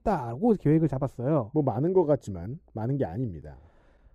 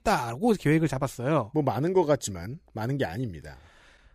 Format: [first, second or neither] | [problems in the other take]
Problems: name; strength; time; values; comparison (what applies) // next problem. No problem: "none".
second | muffled; very; fading above 1.5 kHz